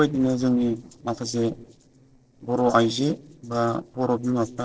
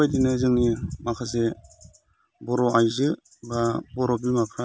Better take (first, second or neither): second